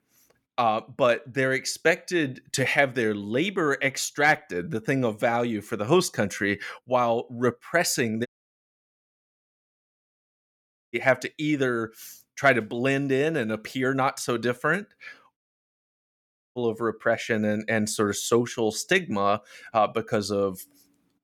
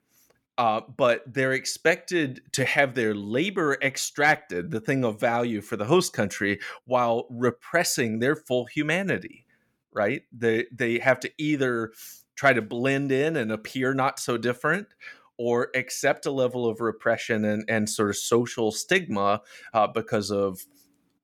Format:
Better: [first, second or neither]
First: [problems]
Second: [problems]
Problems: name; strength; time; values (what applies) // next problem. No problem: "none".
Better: second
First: audio cutting out; at 8.5 s for 2.5 s and at 15 s for 1 s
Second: none